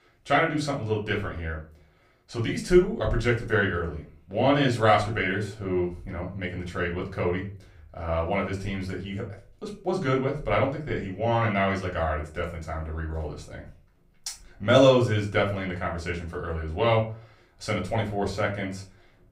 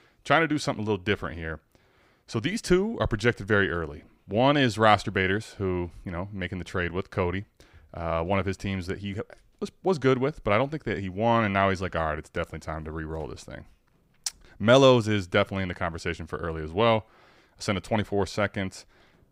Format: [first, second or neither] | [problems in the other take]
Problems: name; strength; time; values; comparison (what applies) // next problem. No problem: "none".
second | room echo; slight; dies away in 0.3 s // off-mic speech; far